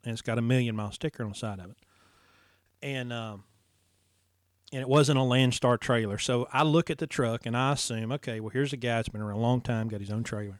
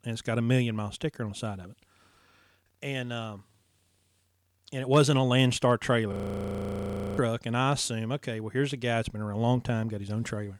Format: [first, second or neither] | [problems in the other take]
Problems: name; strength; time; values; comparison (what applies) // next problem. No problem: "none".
first | audio freezing; at 6 s for 1 s